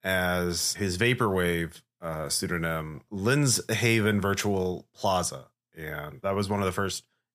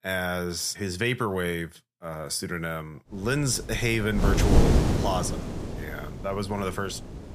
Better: first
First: none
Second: wind noise on the microphone; heavy; from 3 s on; 2 dB below the speech

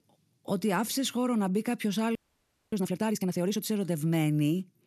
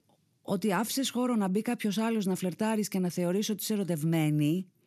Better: second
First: audio freezing; at 2 s for 0.5 s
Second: none

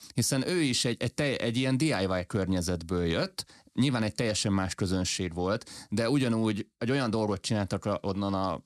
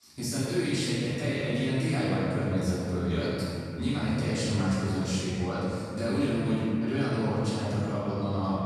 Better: first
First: none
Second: off-mic speech; far // room echo; strong; dies away in 3 s

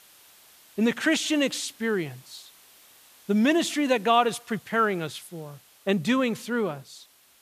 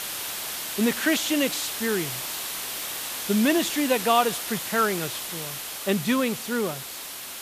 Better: first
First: hiss; faint; throughout; 25 dB below the speech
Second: hiss; loud; throughout; 5 dB below the speech

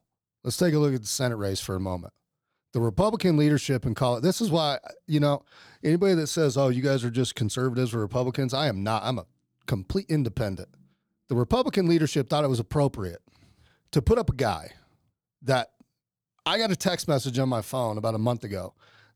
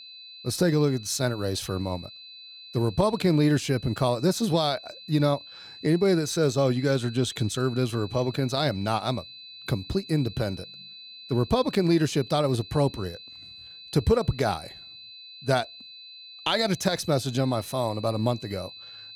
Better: first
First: none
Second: high-pitched whine; noticeable; throughout; 4 kHz, 15 dB below the speech

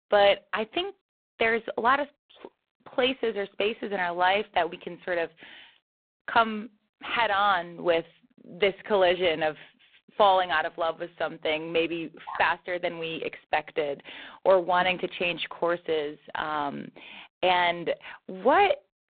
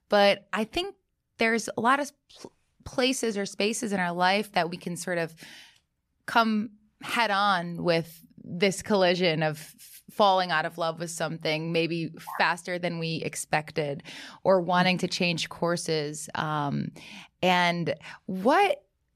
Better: second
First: phone-call audio; poor line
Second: none

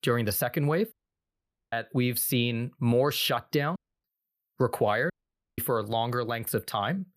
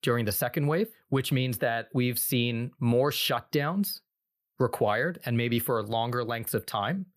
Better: second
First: audio cutting out; at 1 s for 1 s, at 4 s and at 5 s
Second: none

